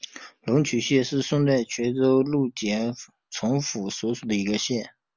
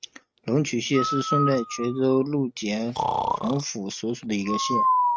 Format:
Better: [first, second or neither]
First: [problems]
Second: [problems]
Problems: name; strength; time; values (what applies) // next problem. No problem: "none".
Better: first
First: none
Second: noise reduction (neural mask model RNNoise)